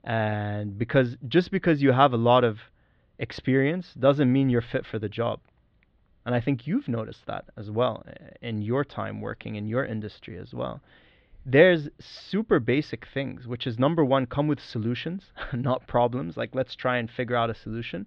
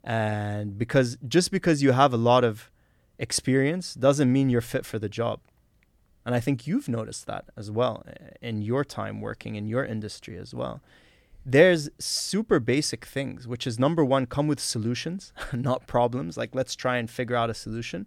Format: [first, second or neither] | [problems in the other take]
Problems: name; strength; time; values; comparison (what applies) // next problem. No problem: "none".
second | muffled; very; fading above 3.5 kHz